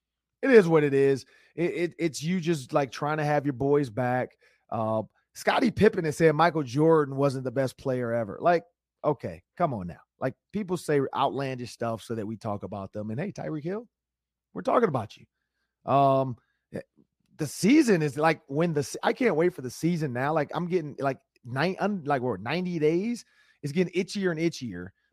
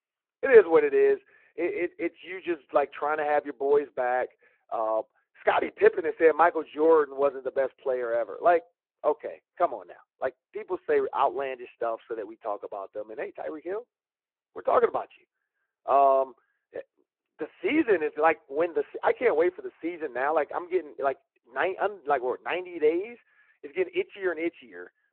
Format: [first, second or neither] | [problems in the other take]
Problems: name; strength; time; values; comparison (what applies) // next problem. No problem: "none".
first | phone-call audio